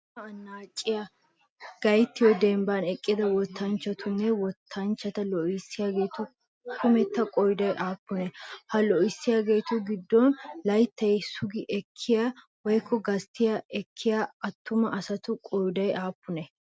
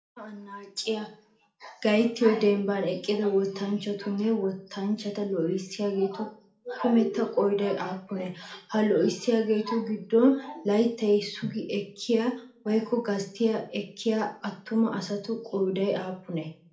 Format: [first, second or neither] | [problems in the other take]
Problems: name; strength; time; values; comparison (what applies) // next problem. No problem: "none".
first | room echo; dies away in 0.4 s